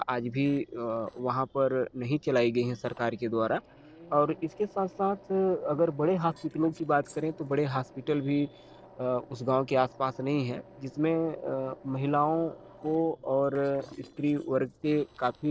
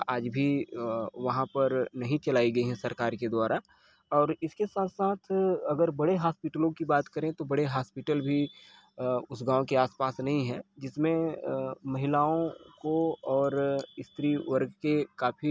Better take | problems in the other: second | noise reduction (neural separator model SepFormer DNS4)

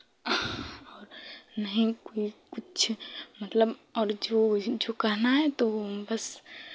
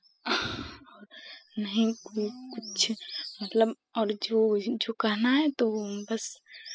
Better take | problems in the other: first | noise reduction (classical method spectral subtraction)

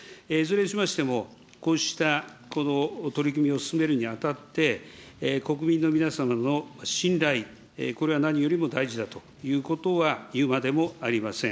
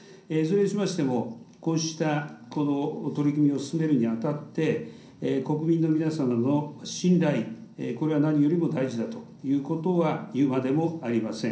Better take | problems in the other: first | room echo; dies away in 0.6 s

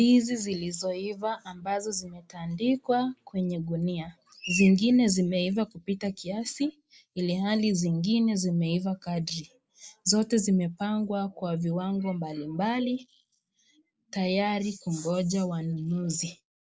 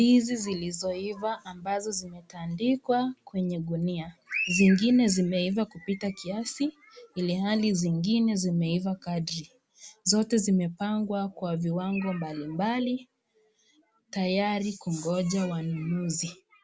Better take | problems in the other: second | noise reduction (neural mask model Resemble Enhance denoiser)

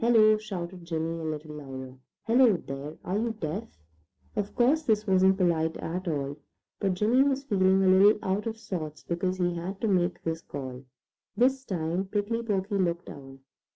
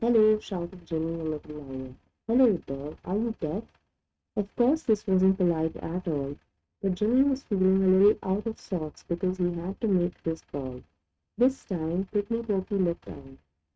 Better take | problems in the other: first | noise reduction (neural mask model RNNoise)

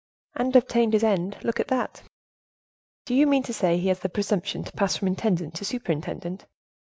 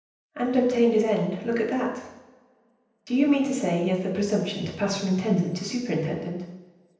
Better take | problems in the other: first | room echo; dies away in 0.9 s

